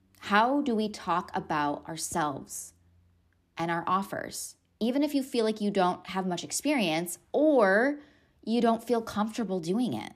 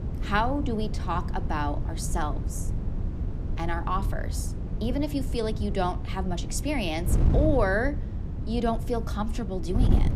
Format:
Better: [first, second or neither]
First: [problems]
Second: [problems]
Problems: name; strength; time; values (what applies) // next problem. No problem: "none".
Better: first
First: none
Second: wind noise on the microphone; occasional gusts; 15 dB below the speech